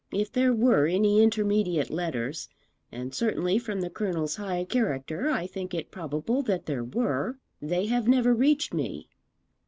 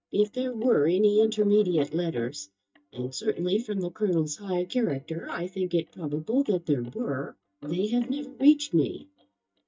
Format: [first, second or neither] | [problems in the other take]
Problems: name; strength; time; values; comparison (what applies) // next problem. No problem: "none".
first | noise reduction (neural mask model DeepFilterNet 3)